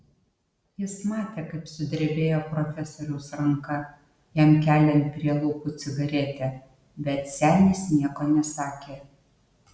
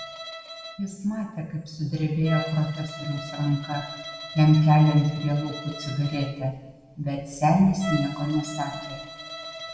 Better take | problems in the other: first | background sound (Bowed string instrument); 13 dB below the speech // room echo; dies away in 1.5 s

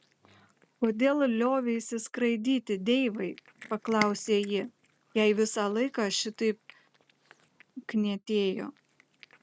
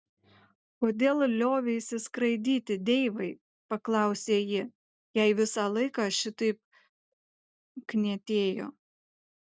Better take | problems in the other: second | background sound (Cat); 19 dB below the speech

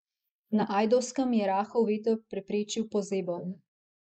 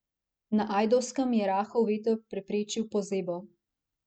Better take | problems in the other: second | noise reduction (neural mask model Resemble Enhance denoiser)

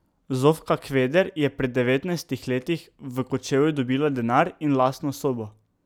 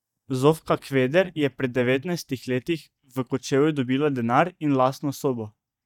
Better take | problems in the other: first | noise reduction (neural mask model DeepFilterNet 3)

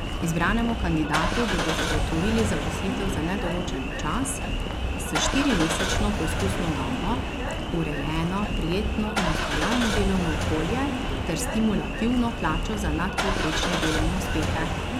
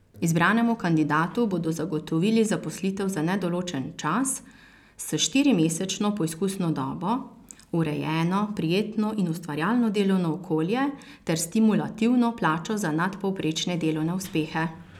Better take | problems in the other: second | background sound (Engine starting / Car); 1 dB above the speech

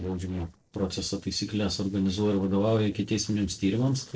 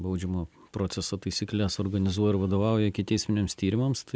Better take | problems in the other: second | noise reduction (neural separator model SepFormer DNS4)

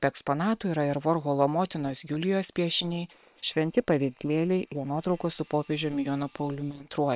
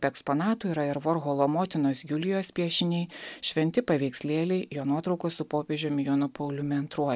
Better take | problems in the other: second | noise reduction (neural separator model SepFormer WHAM!)

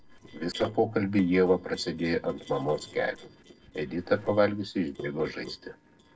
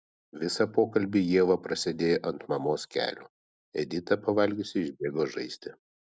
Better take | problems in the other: second | noise reduction (neural separator model SepFormer DNS4)

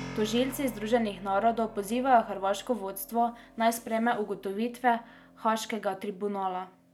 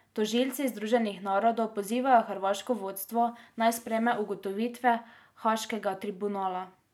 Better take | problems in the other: second | background sound (Keyboard (musical)); 19 dB below the speech

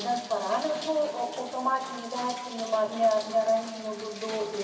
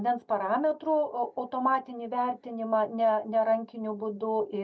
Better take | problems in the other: second | background sound (Rain); 14 dB below the speech // room echo; dies away in 2.2 s

